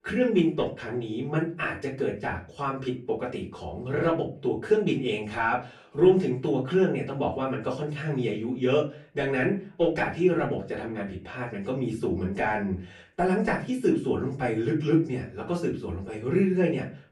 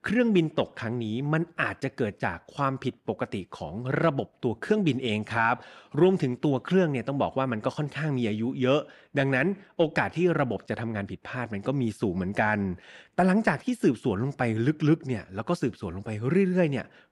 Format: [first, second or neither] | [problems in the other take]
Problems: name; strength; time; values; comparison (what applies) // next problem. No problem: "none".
second | room echo; slight; dies away in 0.3 s // off-mic speech; far